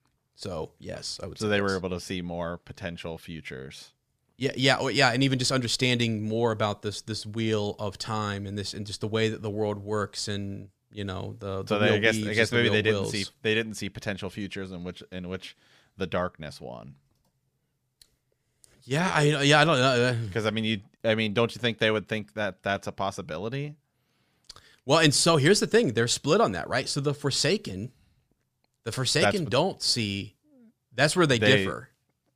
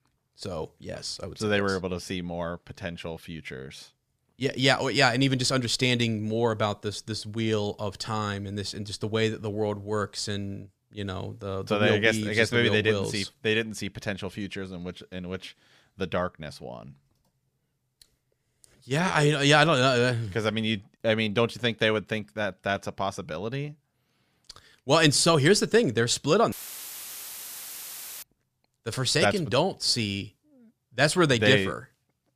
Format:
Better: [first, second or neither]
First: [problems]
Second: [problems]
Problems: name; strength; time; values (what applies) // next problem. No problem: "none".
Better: first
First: none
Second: audio cutting out; filled with static; at 27 s for 1.5 s